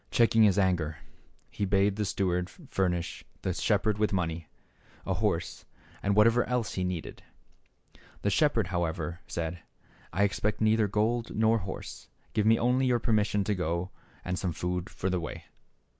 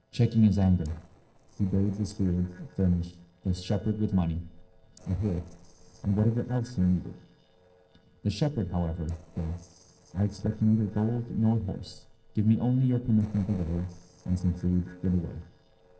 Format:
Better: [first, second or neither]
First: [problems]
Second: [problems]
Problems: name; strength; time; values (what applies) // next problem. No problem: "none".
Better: first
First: none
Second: noise reduction (neural separator model SepFormer DNS4)